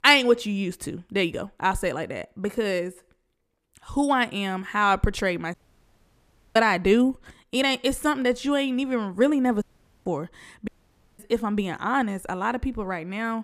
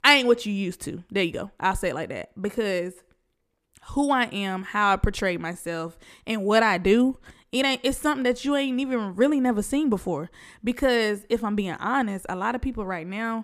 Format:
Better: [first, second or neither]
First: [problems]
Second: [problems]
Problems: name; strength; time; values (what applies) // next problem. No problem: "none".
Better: second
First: audio cutting out; at 5.5 s for 1 s, at 9.5 s and at 11 s for 0.5 s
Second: none